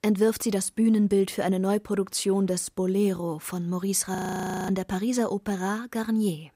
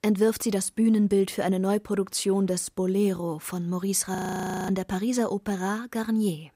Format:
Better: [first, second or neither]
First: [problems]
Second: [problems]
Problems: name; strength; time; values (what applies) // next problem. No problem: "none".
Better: neither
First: audio freezing; at 4 s for 0.5 s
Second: audio freezing; at 4 s for 0.5 s